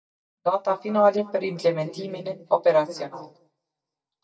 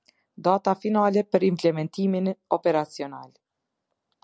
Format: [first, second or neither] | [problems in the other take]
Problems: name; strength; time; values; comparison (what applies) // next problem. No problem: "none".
second | noise reduction (neural mask model DeepFilterNet 3)